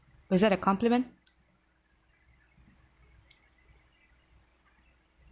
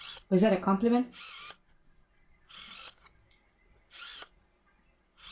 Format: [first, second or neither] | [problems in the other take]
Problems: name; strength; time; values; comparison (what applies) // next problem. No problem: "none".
first | background sound (Camera); 20 dB below the speech // room echo; dies away in 0.2 s